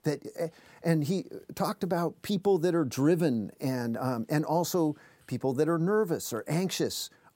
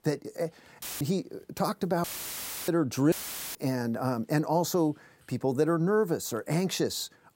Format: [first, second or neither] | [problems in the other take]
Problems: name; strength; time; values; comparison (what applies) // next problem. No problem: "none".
first | audio cutting out; filled with static; at 1 s, at 2 s for 0.5 s and at 3 s